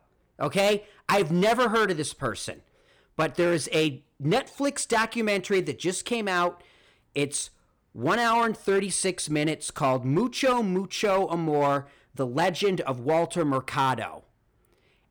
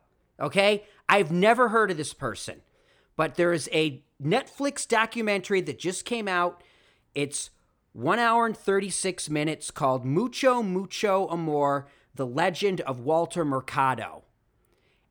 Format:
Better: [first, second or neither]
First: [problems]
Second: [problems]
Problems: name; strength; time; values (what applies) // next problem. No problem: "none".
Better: second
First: distortion; slight; 6% of the sound clipped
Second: none